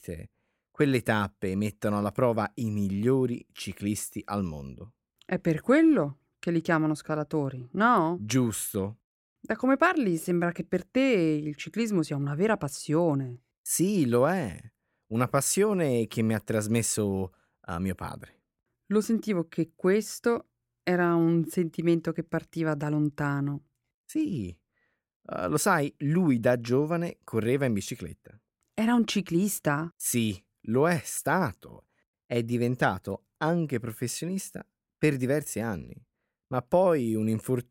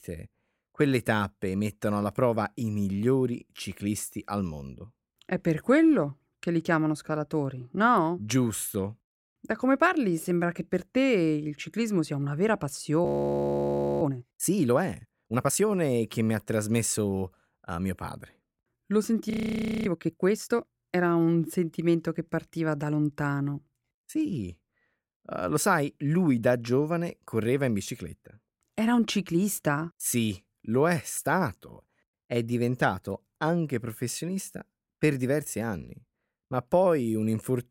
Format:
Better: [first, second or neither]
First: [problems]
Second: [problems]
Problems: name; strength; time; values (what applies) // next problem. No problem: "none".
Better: first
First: none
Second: audio freezing; at 13 s for 1 s and at 19 s for 0.5 s